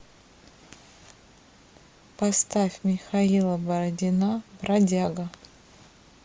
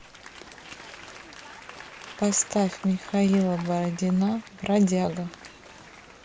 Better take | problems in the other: first | background sound (Applause / Crowd); 18 dB below the speech

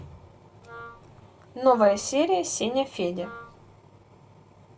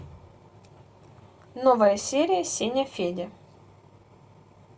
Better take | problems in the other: second | background sound (Wind instrument, woodwind instrument); 19 dB below the speech

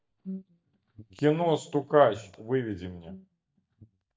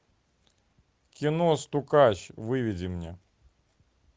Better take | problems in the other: second | noise reduction (neural mask model DeepFilterNet 3)

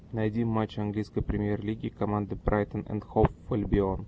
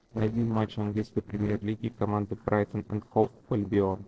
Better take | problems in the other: first | noise reduction (neural separator model SepFormer DNS4)

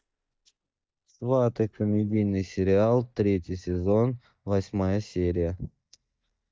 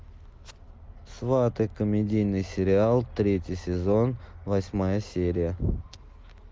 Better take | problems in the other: second | noise reduction (neural mask model DeepFilterNet 3)

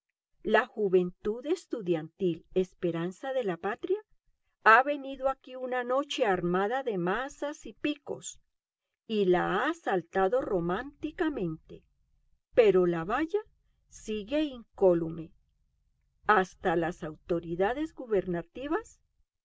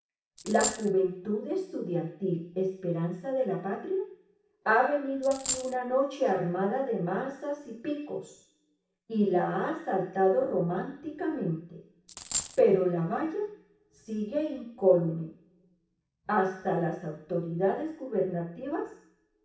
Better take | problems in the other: first | background sound (Coin (dropping)); 5 dB below the speech // room echo; dies away in 0.6 s

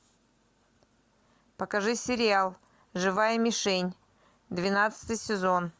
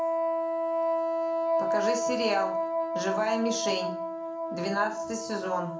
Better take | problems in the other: first | background sound (Wind instrument, woodwind instrument); 3 dB above the speech // room echo; dies away in 0.4 s

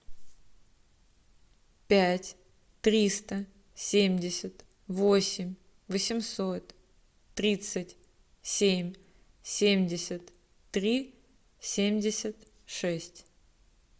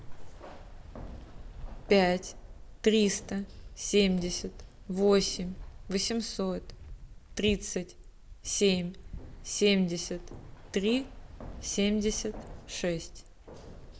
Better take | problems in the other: first | background sound (Keys jangling); 13 dB below the speech

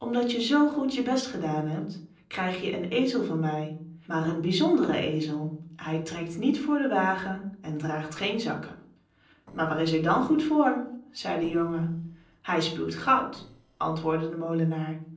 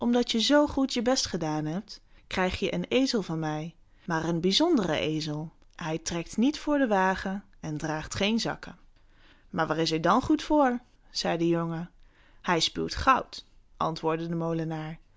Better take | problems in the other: second | noise reduction (neural separator model SepFormer DNS4)

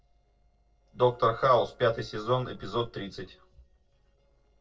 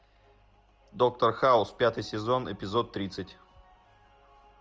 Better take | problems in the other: second | noise reduction (neural separator model SepFormer DNS4)

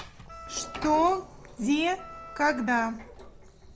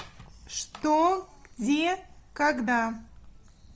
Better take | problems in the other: second | background sound (Wind instrument, woodwind instrument + Sliding door); 15 dB below the speech

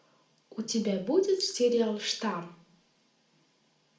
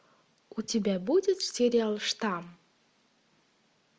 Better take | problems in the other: second | room echo; dies away in 0.4 s

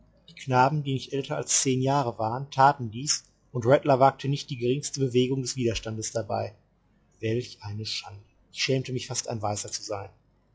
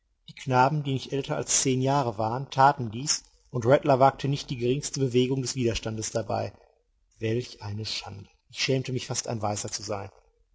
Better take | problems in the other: second | noise reduction (classical method log-MMSE)

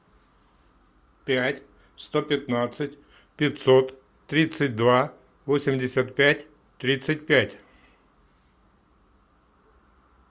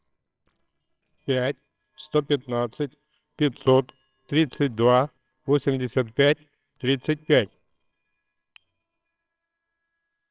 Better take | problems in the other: first | noise reduction (neural separator model SepFormer WHAMR!)

